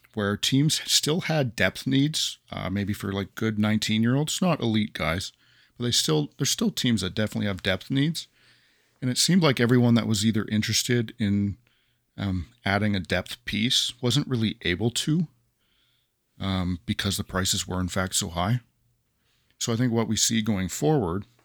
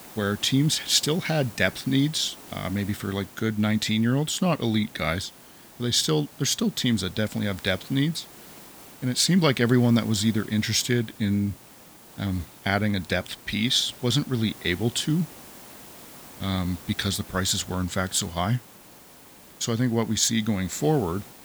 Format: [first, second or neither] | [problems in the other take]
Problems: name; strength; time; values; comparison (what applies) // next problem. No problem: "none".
first | hiss; noticeable; throughout; 20 dB below the speech